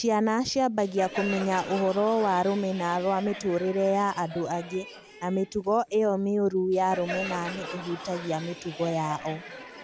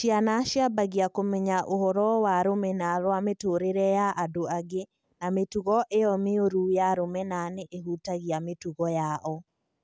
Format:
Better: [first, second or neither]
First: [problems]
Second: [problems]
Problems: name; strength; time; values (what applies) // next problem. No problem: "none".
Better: second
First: background sound (Crowd); 13 dB below the speech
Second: none